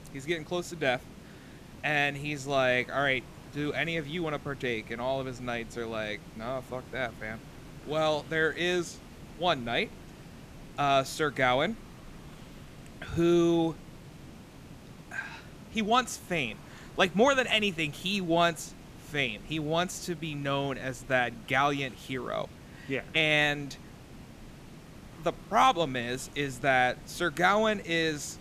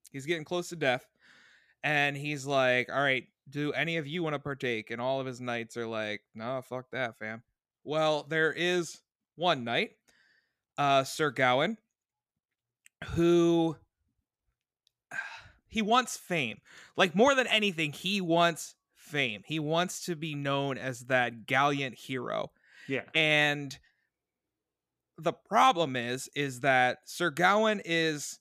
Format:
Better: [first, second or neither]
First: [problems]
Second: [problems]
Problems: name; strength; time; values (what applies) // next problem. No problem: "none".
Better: second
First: hiss; noticeable; throughout; 20 dB below the speech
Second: none